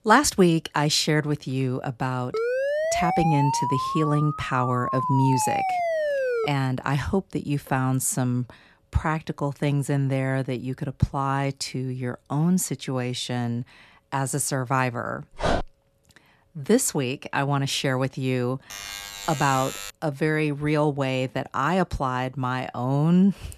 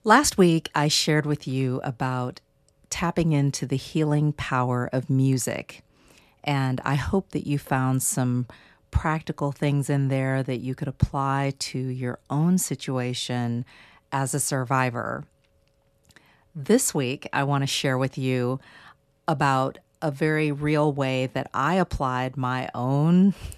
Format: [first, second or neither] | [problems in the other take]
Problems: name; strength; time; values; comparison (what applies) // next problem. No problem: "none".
second | siren; loud; from 2.5 to 6.5 s; peak level with the speech // dog barking; noticeable; at 15 s; peak 1 dB below the speech // alarm; noticeable; from 19 to 20 s; peak 8 dB below the speech